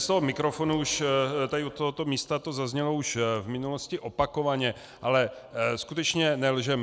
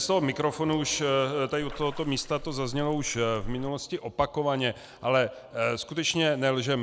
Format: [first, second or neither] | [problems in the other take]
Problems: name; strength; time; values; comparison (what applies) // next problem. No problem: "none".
first | background sound (Splash, splatter); 11 dB below the speech